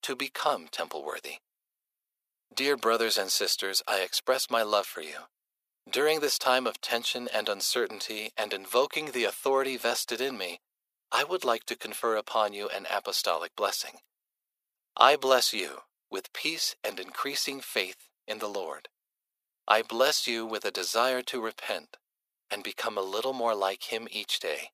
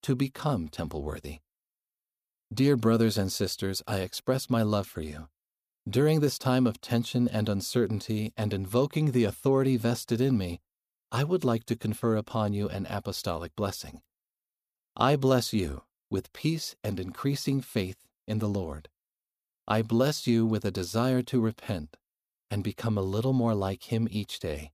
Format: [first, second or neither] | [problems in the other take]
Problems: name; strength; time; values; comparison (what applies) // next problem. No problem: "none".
second | thin; very; fading below 550 Hz